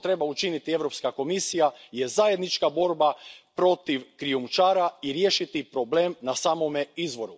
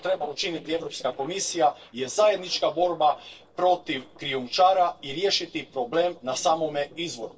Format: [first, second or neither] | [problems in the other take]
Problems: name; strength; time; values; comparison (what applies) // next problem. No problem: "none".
first | noise reduction (neural separator model SepFormer DNS4)